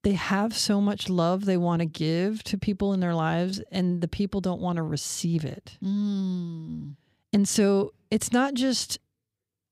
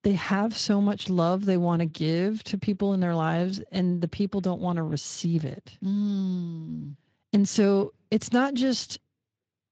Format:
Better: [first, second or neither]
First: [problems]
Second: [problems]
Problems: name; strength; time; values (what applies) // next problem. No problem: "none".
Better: first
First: none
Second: garbled, watery; slightly; nothing above 7.5 kHz